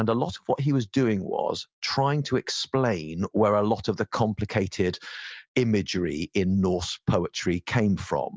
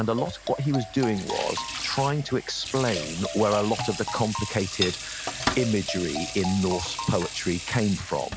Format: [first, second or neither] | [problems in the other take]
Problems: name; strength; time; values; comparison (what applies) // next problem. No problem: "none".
first | background sound (Marimba, xylophone + Sink (filling or washing) / Water tap, faucet); 7 dB below the speech